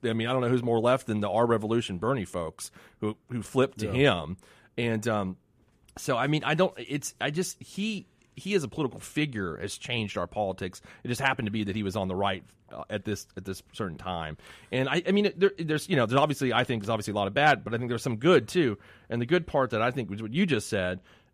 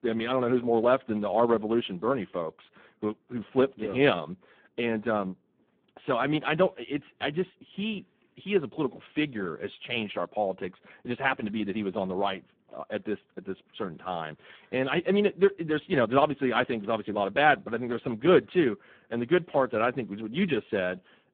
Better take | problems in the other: first | phone-call audio; poor line

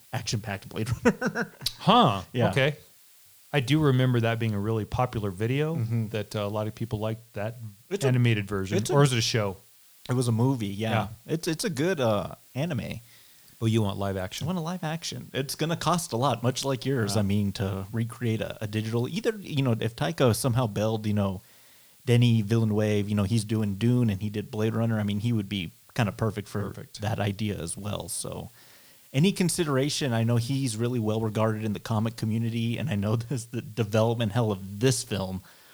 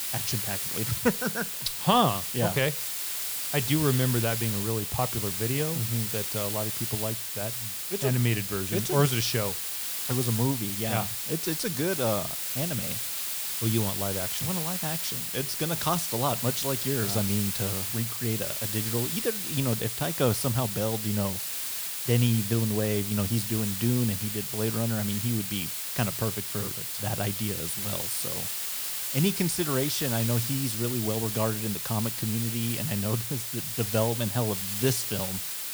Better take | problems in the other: first | hiss; loud; throughout; as loud as the speech; faint in the first

